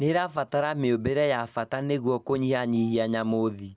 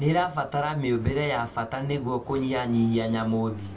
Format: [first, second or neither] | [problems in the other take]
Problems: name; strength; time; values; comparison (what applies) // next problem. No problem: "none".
first | background sound (Fire); 19 dB below the speech // room echo; dies away in 0.2 s